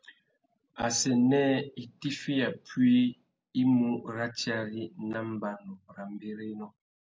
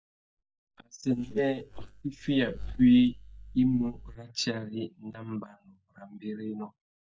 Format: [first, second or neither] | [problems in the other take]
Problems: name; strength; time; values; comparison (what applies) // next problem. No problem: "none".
first | noise reduction (neural mask model DeepFilterNet 3)